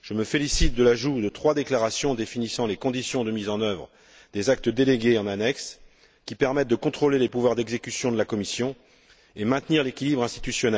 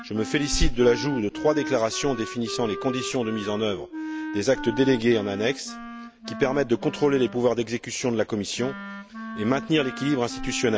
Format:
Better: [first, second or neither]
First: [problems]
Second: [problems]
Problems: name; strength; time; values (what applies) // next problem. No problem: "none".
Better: first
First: none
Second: background sound (Wind instrument, woodwind instrument); 11 dB below the speech